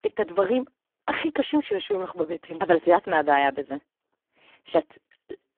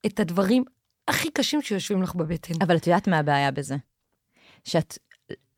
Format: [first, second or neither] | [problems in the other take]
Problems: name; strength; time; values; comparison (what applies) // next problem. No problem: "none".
second | phone-call audio; poor line